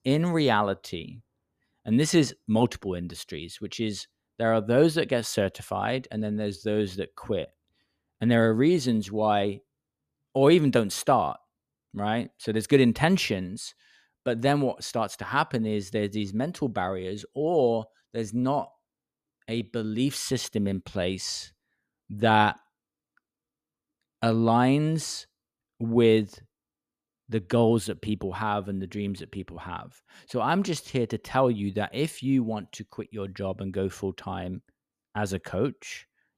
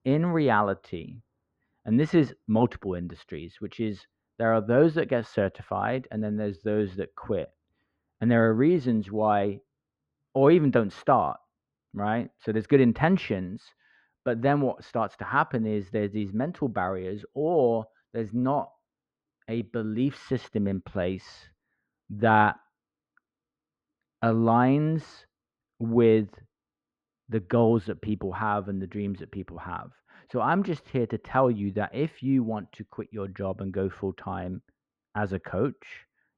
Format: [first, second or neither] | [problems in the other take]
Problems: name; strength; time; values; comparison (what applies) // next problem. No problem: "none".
first | muffled; very; fading above 2 kHz